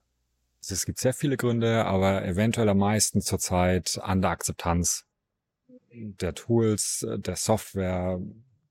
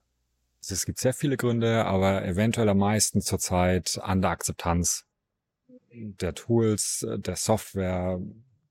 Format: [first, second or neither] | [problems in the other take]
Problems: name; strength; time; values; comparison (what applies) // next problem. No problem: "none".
neither | none